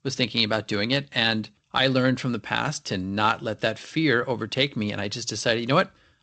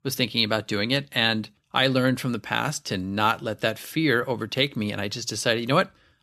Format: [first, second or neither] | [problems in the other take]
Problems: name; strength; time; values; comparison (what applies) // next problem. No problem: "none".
second | garbled, watery; slightly; nothing above 8 kHz